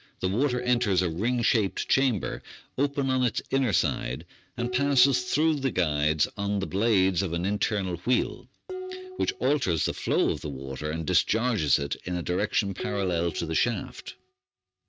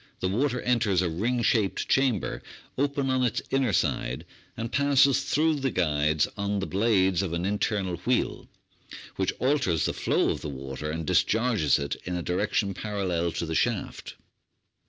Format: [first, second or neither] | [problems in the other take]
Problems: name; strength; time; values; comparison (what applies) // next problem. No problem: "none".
second | noise reduction (neural mask model RNNoise)